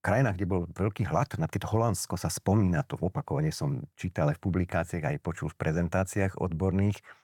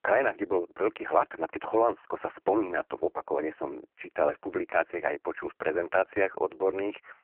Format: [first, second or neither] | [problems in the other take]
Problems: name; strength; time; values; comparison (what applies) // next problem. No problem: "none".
first | phone-call audio; poor line